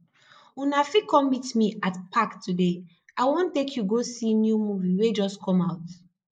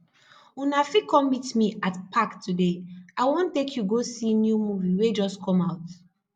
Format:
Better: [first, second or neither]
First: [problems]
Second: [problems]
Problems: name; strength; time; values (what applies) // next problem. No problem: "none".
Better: second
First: noise reduction (neural mask model Resemble Enhance denoiser)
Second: none